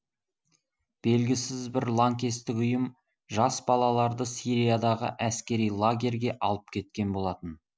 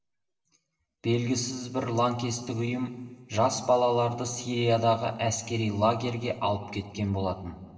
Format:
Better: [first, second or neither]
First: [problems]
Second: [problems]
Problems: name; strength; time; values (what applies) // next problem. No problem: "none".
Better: first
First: none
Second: room echo; dies away in 2.1 s